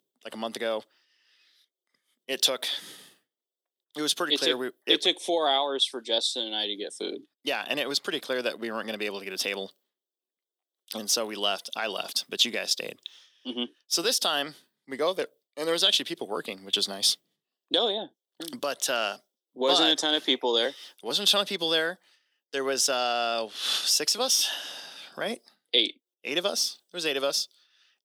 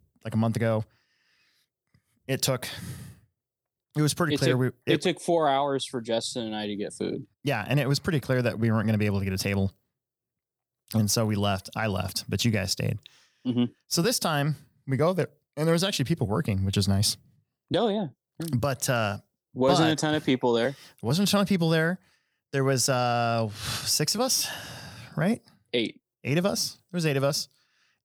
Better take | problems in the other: second | thin; somewhat; fading below 300 Hz

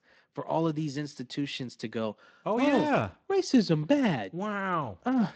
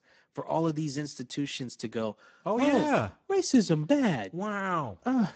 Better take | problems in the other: first | garbled, watery; badly; nothing above 8 kHz; slightly in the first

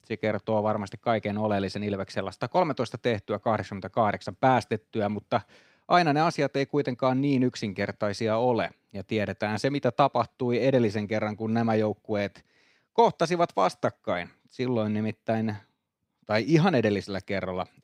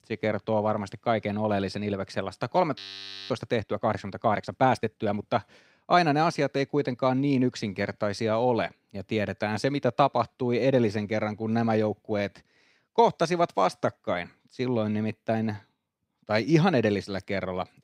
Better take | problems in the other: first | audio freezing; at 3 s for 0.5 s

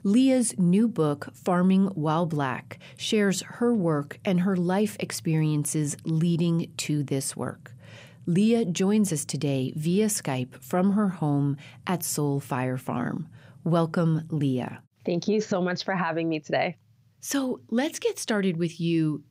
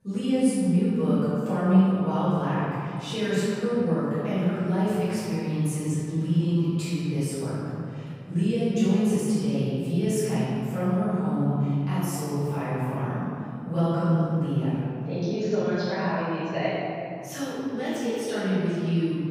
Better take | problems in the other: first | off-mic speech; far // room echo; strong; dies away in 2.6 s

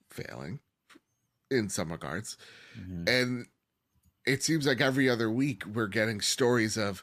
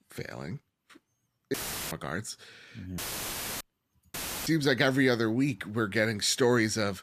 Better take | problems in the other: first | audio cutting out; filled with static; at 1.5 s, at 3 s for 0.5 s and at 4 s

